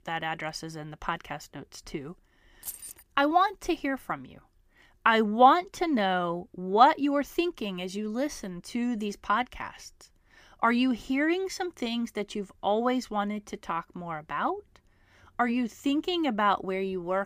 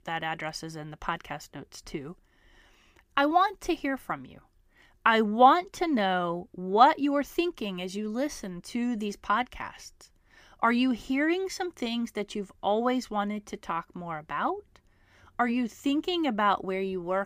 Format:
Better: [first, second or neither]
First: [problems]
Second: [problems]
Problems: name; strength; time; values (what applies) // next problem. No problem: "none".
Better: second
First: jangling keys; faint; at 2.5 s; peak 10 dB below the speech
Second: none